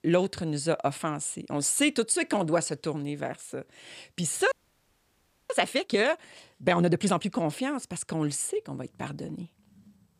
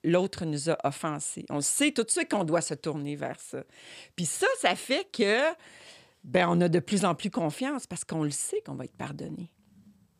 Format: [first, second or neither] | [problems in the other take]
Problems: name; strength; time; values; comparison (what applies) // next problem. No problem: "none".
second | audio freezing; at 4.5 s for 1 s